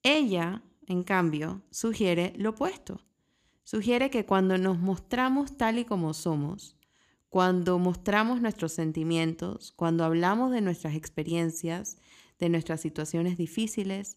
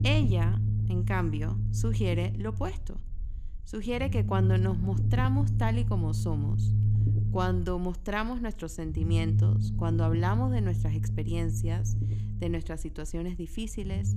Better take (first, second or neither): first